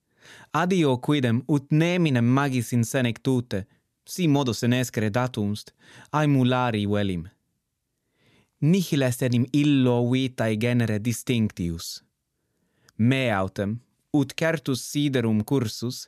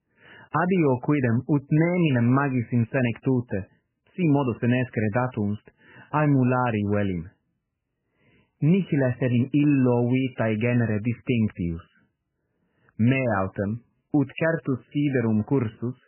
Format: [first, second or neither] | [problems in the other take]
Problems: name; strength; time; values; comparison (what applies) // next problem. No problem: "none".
first | garbled, watery; badly; nothing above 3 kHz